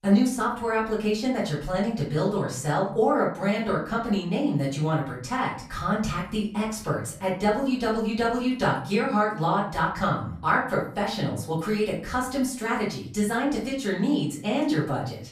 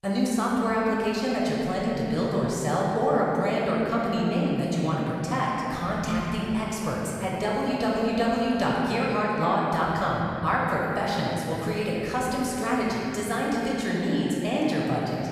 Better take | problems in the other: first | room echo; strong; dies away in 3 s; slight in the first // off-mic speech; far; far in the first

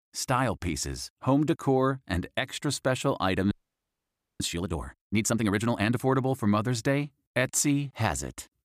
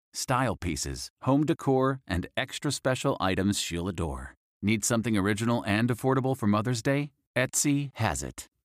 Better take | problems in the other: second | audio freezing; at 3.5 s for 1 s

